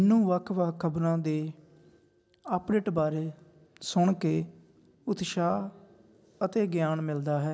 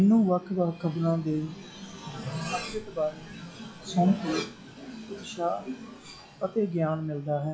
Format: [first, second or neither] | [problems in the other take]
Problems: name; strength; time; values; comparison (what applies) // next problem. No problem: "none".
first | noise reduction (classical method log-MMSE)